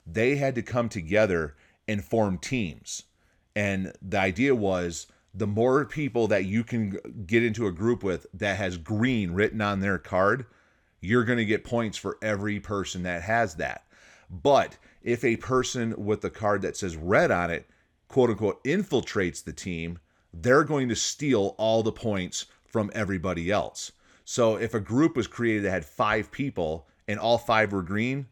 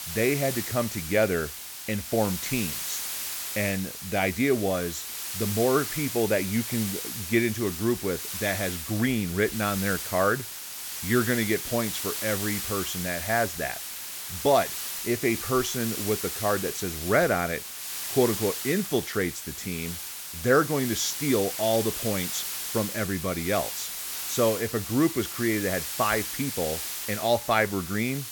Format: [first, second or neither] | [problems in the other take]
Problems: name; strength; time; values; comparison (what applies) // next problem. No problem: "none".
first | hiss; loud; throughout; 5 dB below the speech